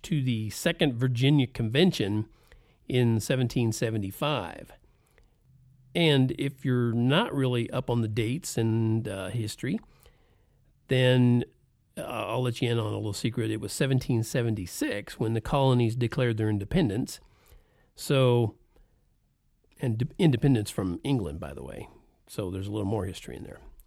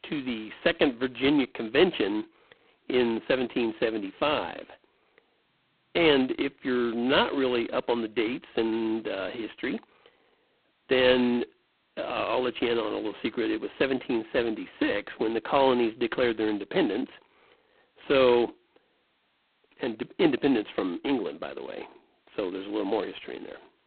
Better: first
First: none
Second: phone-call audio; poor line; nothing above 4 kHz

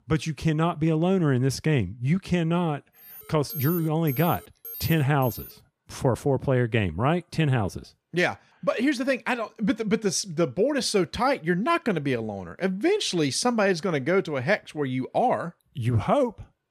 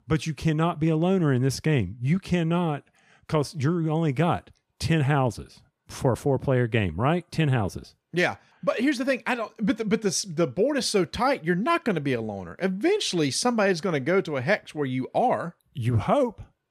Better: second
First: alarm; noticeable; from 3 to 5.5 s; peak 7 dB below the speech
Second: none

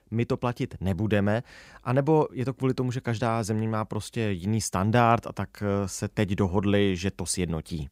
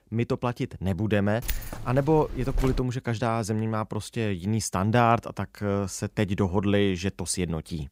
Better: first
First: none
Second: jangling keys; noticeable; from 1.5 to 3 s; peak 7 dB below the speech

